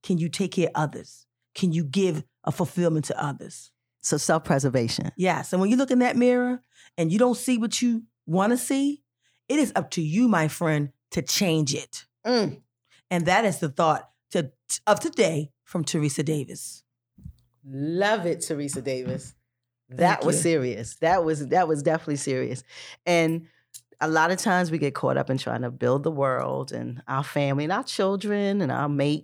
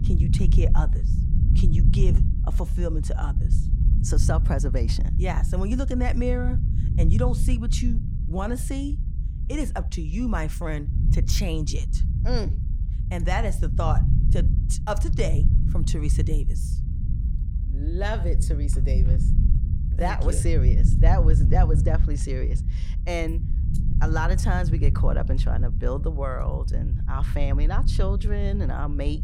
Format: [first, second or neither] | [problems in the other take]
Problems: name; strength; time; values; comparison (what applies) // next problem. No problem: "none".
first | low rumble; loud; throughout; 8 dB below the speech